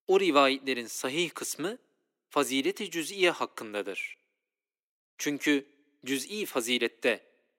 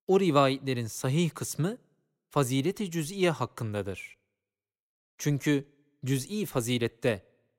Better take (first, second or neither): second